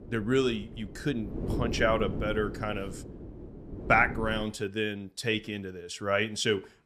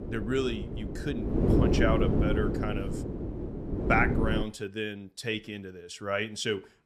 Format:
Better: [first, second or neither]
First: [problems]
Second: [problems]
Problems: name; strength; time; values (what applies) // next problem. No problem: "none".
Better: first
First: wind noise on the microphone; occasional gusts; until 4.5 s; 15 dB below the speech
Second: wind noise on the microphone; heavy; until 4.5 s; 3 dB below the speech